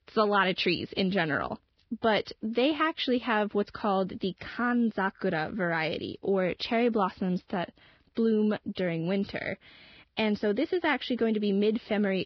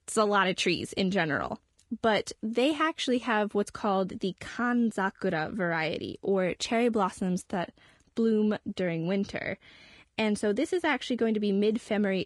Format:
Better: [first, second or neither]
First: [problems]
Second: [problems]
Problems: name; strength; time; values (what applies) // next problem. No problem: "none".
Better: second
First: garbled, watery; badly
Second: garbled, watery; slightly; nothing above 10.5 kHz